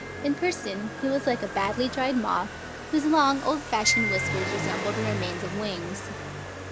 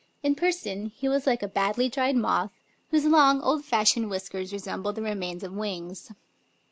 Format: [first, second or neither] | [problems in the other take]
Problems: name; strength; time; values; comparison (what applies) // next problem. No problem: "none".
second | background sound (Motorcycle + Wind chime); 5 dB below the speech